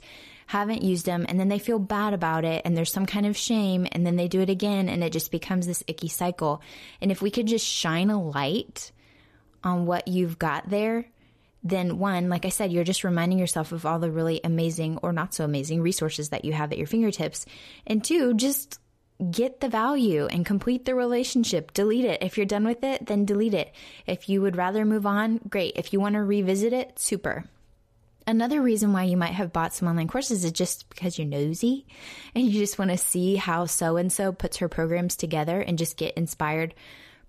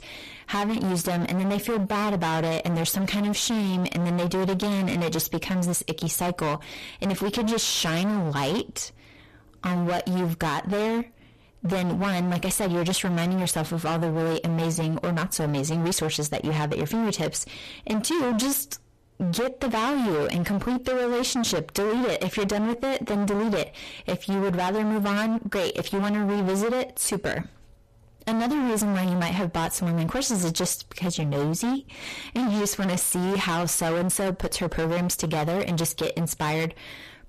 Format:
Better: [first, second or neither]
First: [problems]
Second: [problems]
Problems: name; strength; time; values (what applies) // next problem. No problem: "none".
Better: first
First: none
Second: distortion; heavy; 35% of the sound clipped